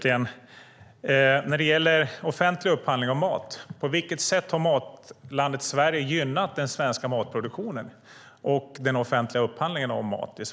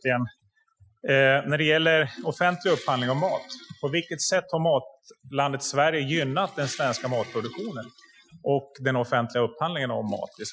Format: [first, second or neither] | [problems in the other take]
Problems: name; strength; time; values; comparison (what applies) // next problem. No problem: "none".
first | noise reduction (classical method Wiener filter)